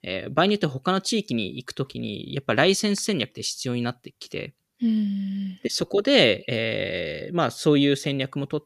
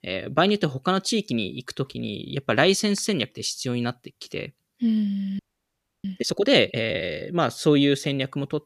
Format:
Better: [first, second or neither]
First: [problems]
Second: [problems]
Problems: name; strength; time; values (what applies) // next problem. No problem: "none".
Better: first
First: none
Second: audio freezing; at 5.5 s for 0.5 s